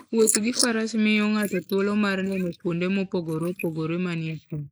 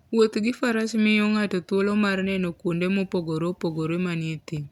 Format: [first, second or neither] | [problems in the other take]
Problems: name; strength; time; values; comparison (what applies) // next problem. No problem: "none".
second | noise reduction (neural mask model Resemble Enhance denoiser)